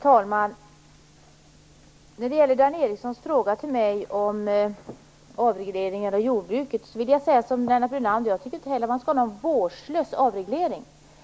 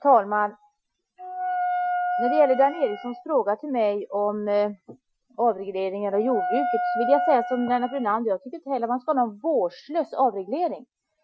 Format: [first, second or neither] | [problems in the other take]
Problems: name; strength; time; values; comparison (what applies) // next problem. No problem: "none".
first | noise reduction (classical method Wiener filter)